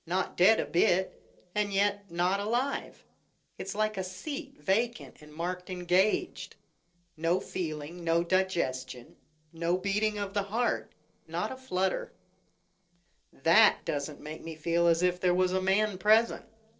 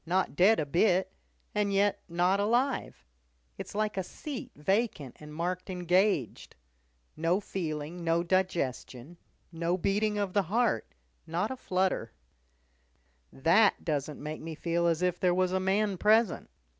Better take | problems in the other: second | noise reduction (neural separator model SepFormer DNS4)

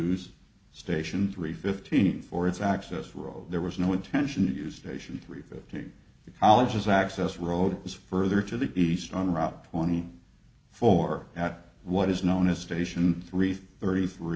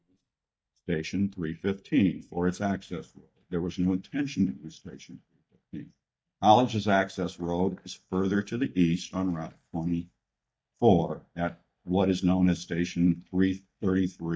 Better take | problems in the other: first | noise reduction (neural mask model DeepFilterNet 3)

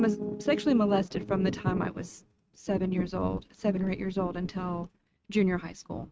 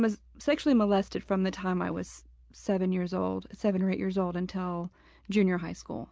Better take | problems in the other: second | noise reduction (neural mask model RNNoise)

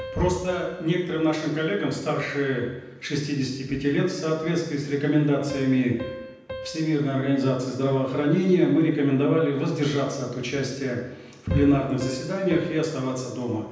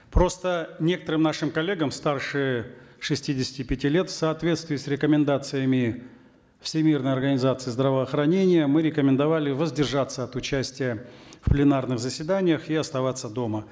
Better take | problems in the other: second | background sound (Piano); 18 dB below the speech // room echo; dies away in 0.9 s

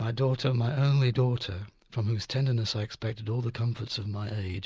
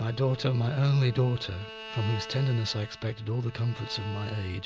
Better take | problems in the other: first | background sound (Bowed string instrument); 15 dB below the speech

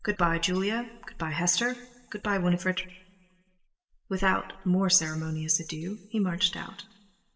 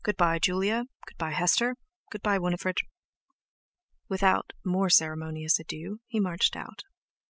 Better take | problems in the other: second | room echo; dies away in 1 s

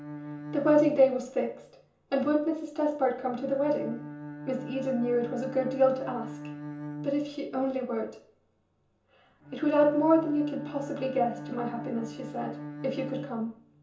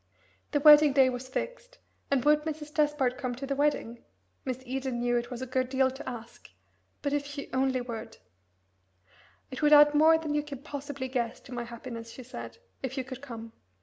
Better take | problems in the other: second | background sound (Bowed string instrument); 12 dB below the speech // room echo; dies away in 0.6 s

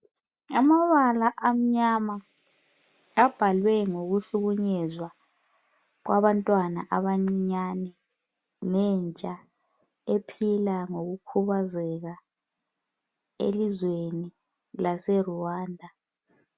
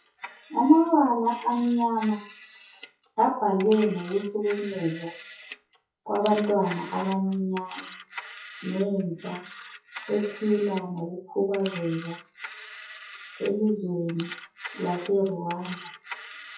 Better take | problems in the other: first | noise reduction (classical method WPE with log-MMSE)

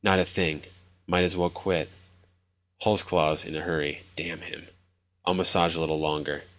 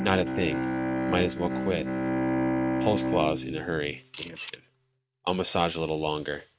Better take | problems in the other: first | noise reduction (neural mask model RNNoise)

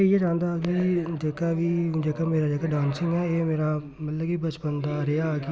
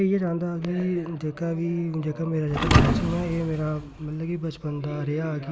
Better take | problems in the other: first | background sound (Thump, thud); as loud as the speech

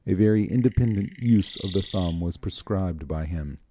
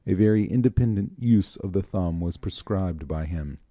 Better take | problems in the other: second | background sound (Chirp, tweet); 20 dB below the speech

